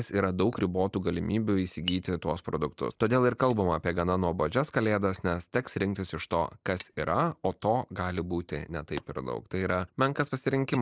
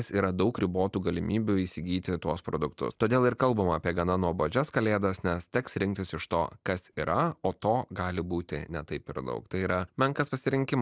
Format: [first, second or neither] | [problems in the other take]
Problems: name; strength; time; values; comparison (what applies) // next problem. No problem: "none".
second | noise reduction (neural mask model Resemble Enhance denoiser)